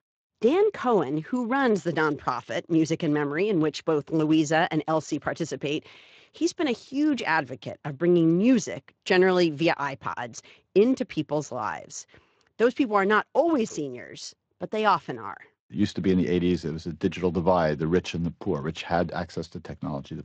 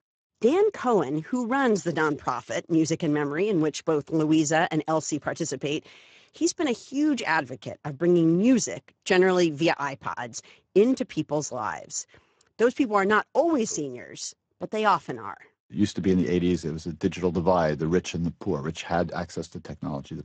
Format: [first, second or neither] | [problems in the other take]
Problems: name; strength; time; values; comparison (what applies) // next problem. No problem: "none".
first | garbled, watery; badly; nothing above 7.5 kHz; slightly in the first